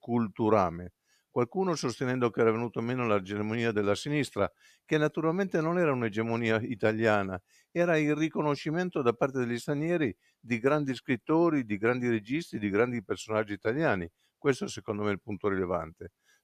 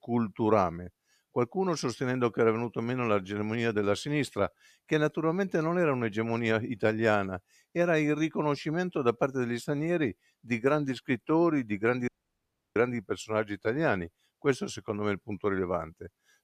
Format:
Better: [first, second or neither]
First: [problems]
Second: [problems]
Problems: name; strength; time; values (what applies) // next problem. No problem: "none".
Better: first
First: none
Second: audio cutting out; at 12 s for 0.5 s